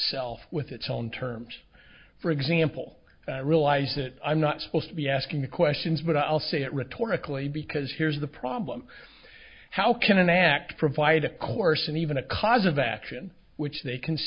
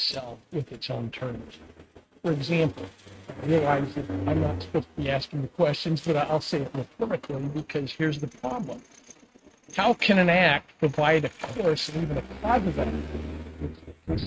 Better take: first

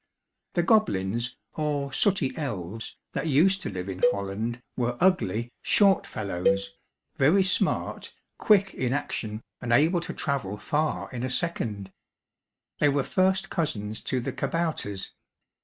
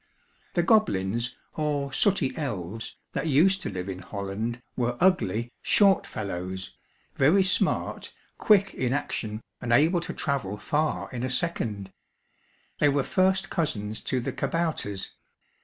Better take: second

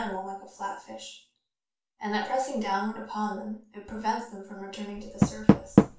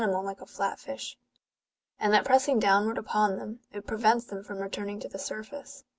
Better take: second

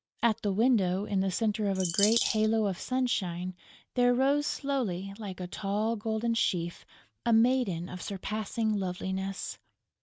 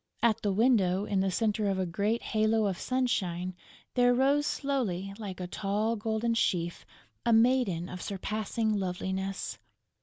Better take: second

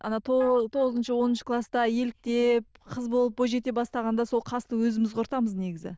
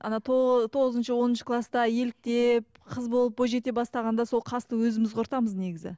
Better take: second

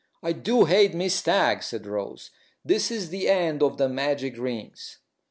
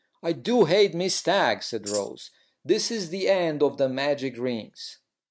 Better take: first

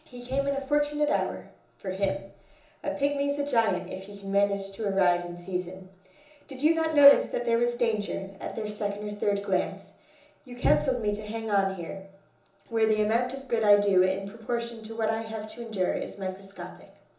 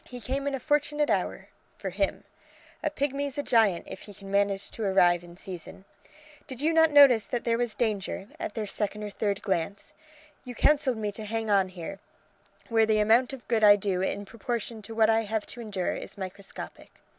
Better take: second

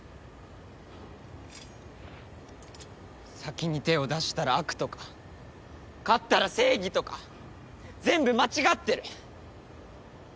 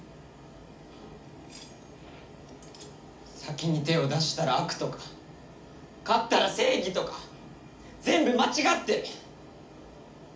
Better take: first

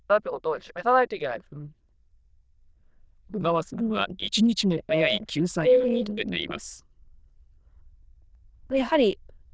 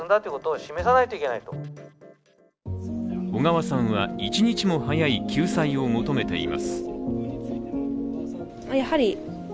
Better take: second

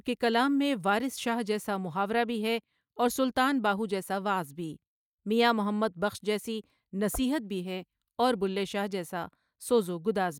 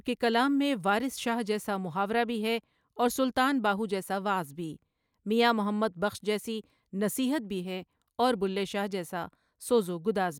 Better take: second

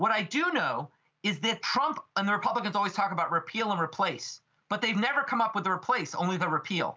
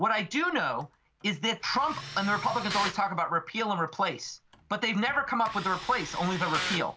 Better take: first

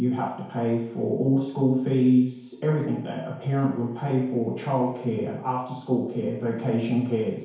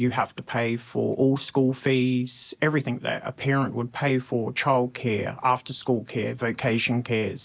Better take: second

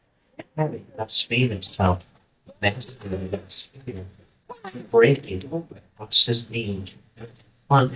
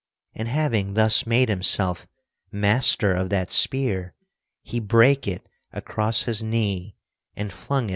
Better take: second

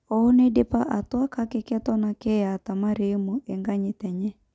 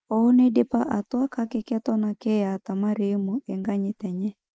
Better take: first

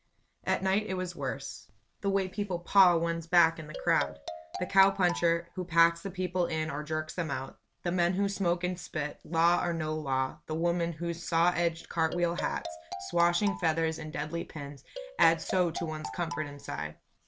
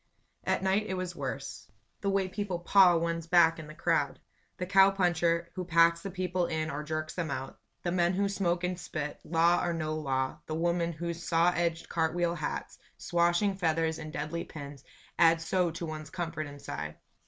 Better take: second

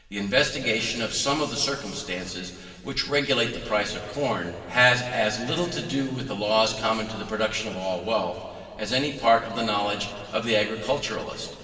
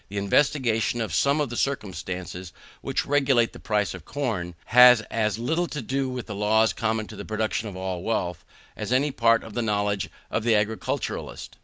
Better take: second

